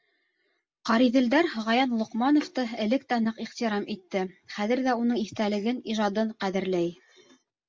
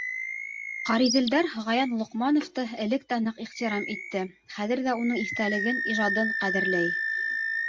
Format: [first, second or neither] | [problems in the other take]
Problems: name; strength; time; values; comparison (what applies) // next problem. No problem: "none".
first | background sound (Animal); 4 dB below the speech